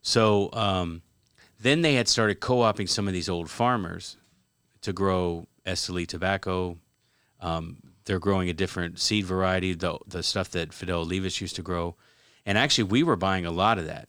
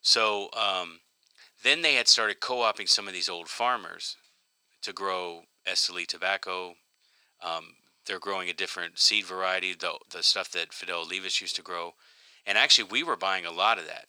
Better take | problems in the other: first | thin; very; fading below 700 Hz

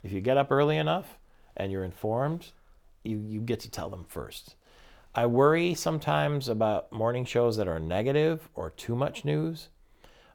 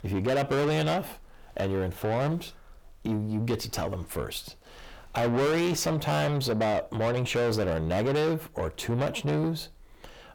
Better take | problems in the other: first | distortion; heavy; 6 dB below the speech

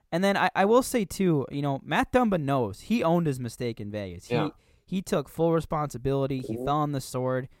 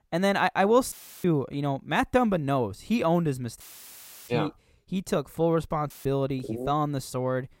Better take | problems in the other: first | audio cutting out; filled with static; at 1 s, at 3.5 s for 0.5 s and at 6 s

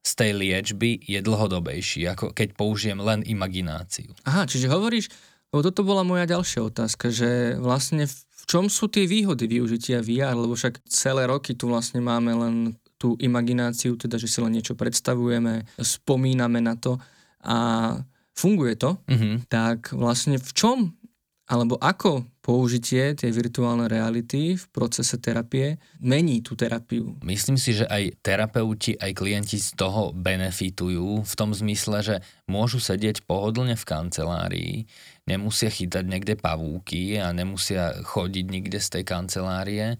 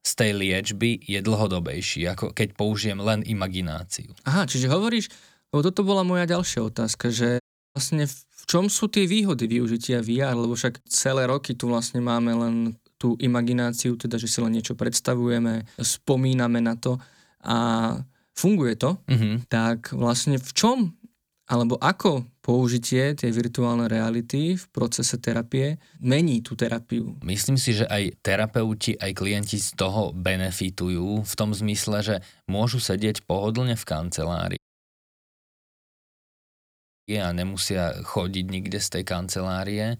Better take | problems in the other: first | audio cutting out; at 7.5 s and at 35 s for 2.5 s

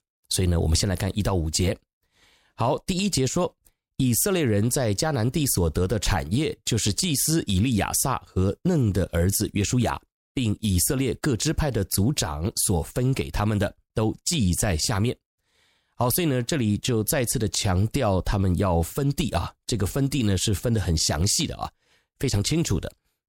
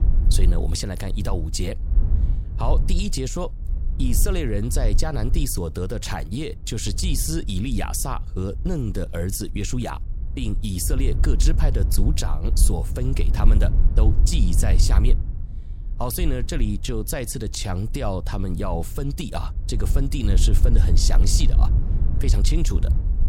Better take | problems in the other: first | wind noise on the microphone; occasional gusts; 10 dB below the speech

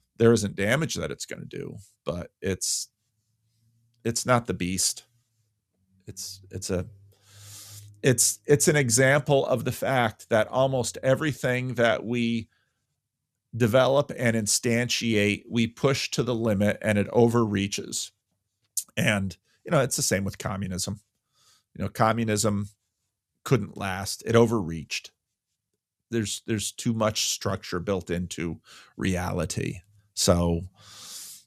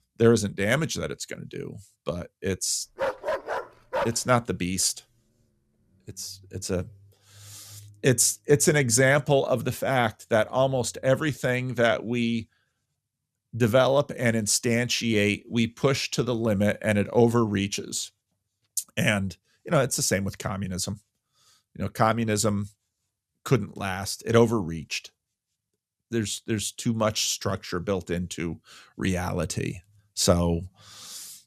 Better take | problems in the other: first | dog barking; noticeable; from 3 to 4 s; peak 3 dB below the speech

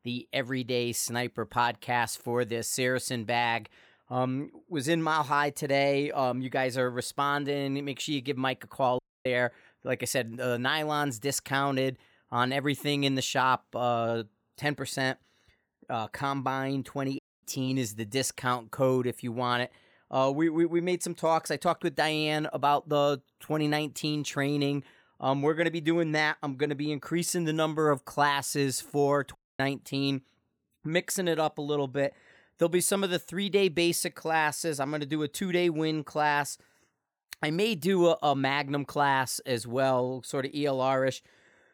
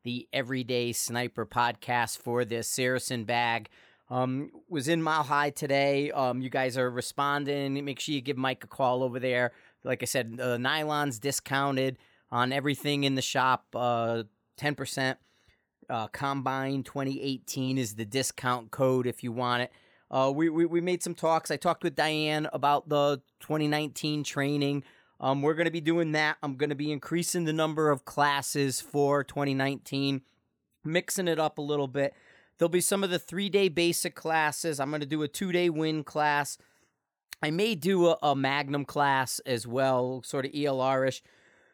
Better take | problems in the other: second | audio cutting out; at 9 s, at 17 s and at 29 s

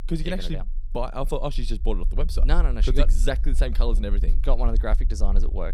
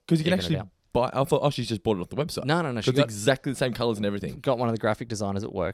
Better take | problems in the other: second | low rumble; noticeable; throughout; 20 dB below the speech

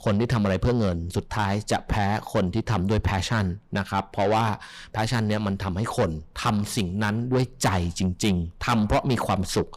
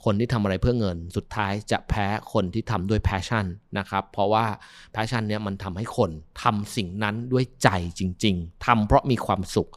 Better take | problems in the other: second | distortion; heavy; 7 dB below the speech

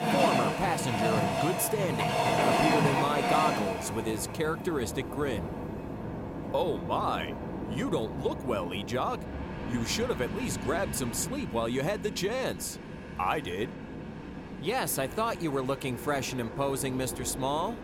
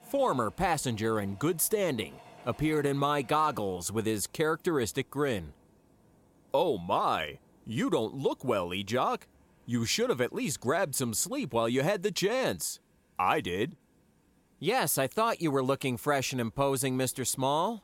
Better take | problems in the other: second | train or aircraft noise; loud; throughout; 1 dB below the speech; faint in the second

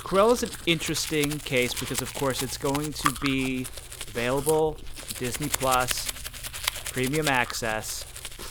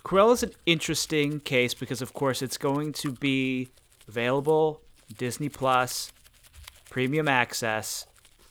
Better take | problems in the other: second | household noises; loud; throughout; 6 dB below the speech; faint in the second

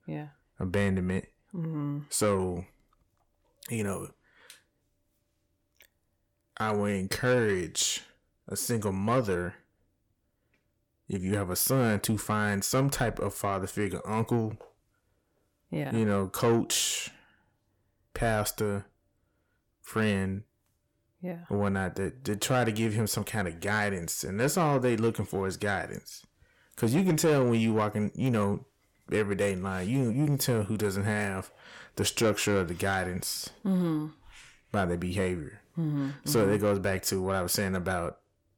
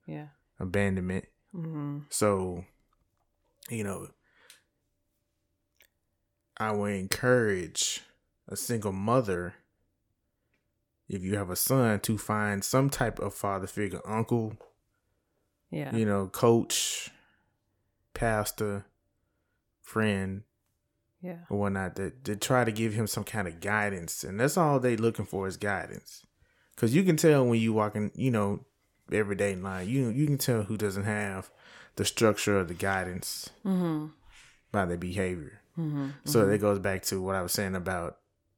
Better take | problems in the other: second | distortion; slight; 10 dB below the speech

